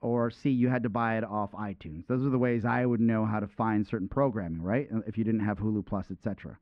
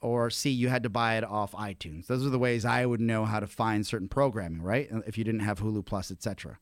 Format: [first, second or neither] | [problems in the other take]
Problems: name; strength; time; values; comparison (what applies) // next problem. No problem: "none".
second | muffled; very; fading above 1.5 kHz